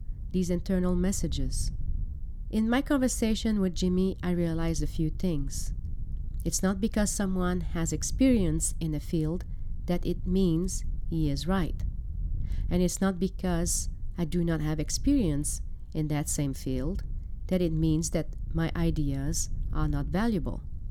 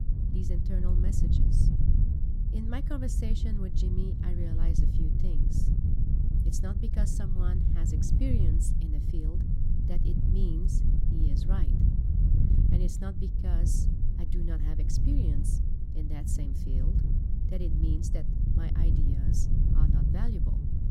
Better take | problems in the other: first | wind noise on the microphone; heavy; 1 dB above the speech; occasional gusts in the first

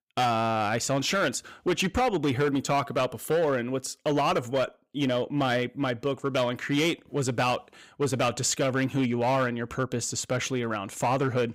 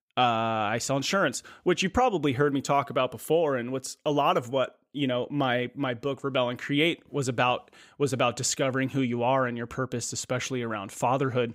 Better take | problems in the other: second | distortion; slight; 9% of the sound clipped

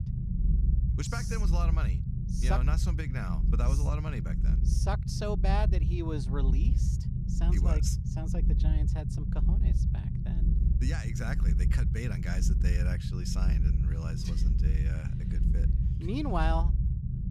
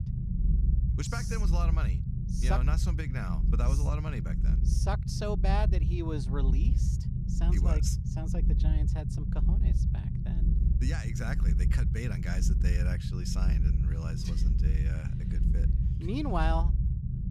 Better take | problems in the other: neither | low rumble; loud; throughout; 6 dB below the speech; the same in both

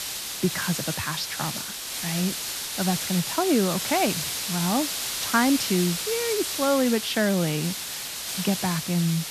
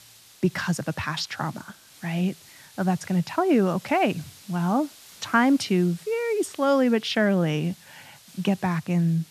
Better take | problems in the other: second | hiss; loud; throughout; 2 dB below the speech; faint in the second

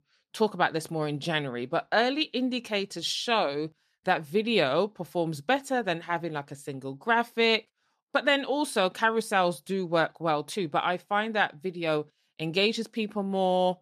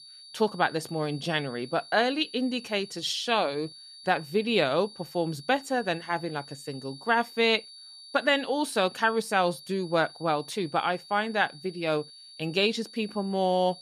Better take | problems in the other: first | high-pitched whine; noticeable; throughout; 4.5 kHz, 15 dB below the speech

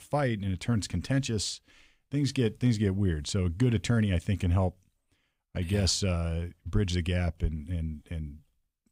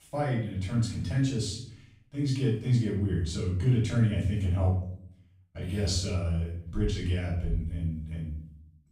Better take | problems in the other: first | off-mic speech; far // room echo; noticeable; dies away in 0.5 s

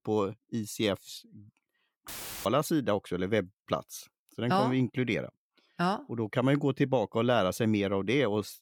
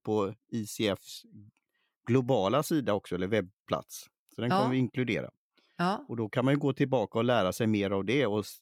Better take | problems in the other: second | audio cutting out; filled with static; at 2 s

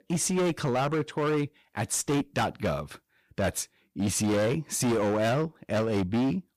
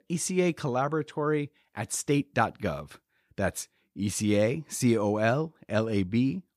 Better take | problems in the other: second | distortion; heavy; 20% of the sound clipped

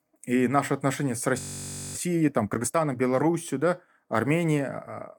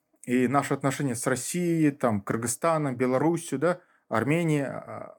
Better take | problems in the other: second | audio freezing; at 1.5 s for 0.5 s

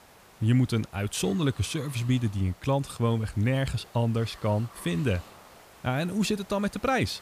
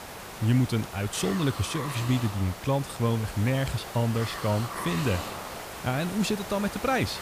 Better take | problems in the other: first | hiss; loud; throughout; 9 dB below the speech; faint in the first

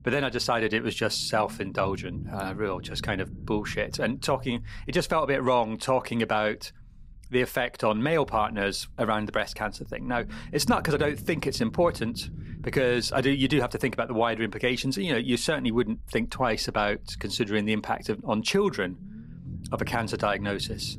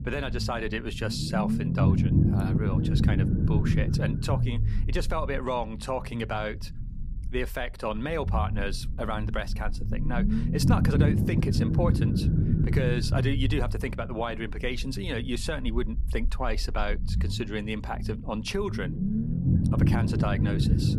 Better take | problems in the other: first | low rumble; loud; throughout; 3 dB below the speech; faint in the first

